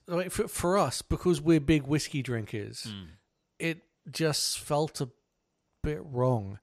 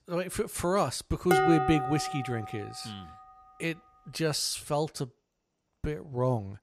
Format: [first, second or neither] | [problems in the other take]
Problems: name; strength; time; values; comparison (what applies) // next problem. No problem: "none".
first | clattering dishes; loud; from 1.5 to 2.5 s; peak 5 dB above the speech